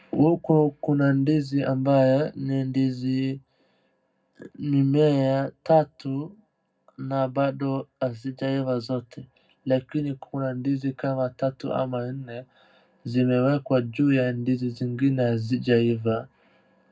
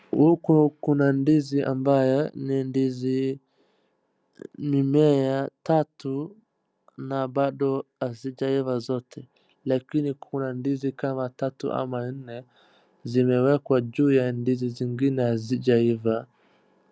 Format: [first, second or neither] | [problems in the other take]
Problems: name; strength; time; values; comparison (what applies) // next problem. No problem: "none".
second | room echo; dies away in 0.3 s